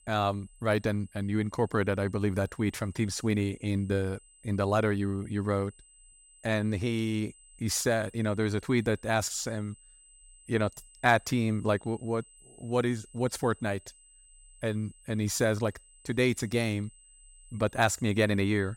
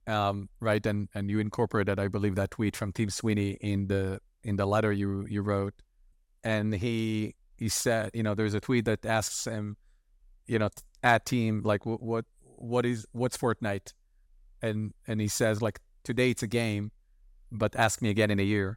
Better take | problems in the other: second | high-pitched whine; faint; throughout; 8 kHz, 25 dB below the speech

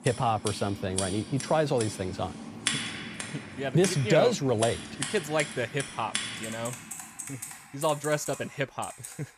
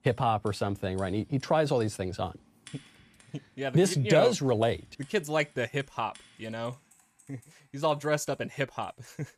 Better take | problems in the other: second | household noises; loud; throughout; 7 dB below the speech; faint in the second

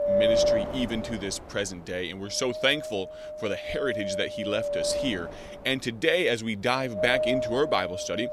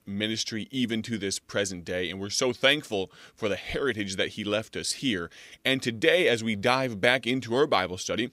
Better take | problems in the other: second | wind noise on the microphone; heavy; 1 dB below the speech

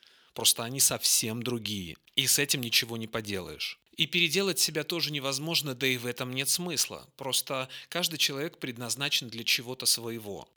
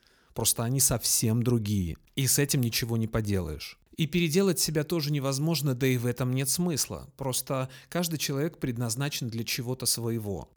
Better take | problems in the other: second | thin; somewhat; fading below 850 Hz

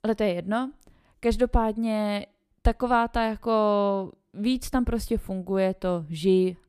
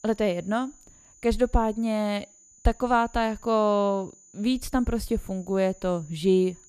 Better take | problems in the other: first | high-pitched whine; faint; throughout; 7 kHz, 25 dB below the speech

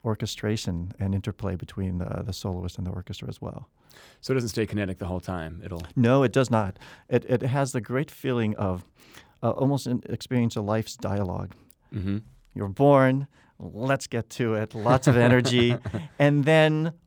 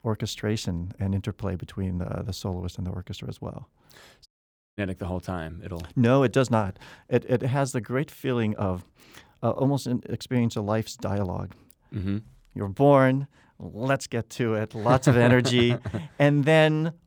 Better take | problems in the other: first | audio cutting out; at 4.5 s for 0.5 s

